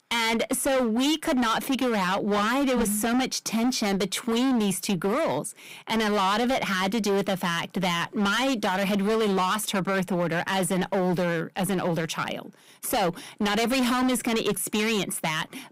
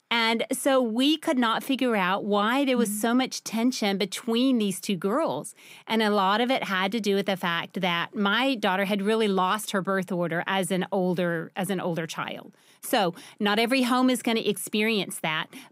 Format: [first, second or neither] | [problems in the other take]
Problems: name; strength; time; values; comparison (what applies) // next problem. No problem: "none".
second | distortion; heavy; 21% of the sound clipped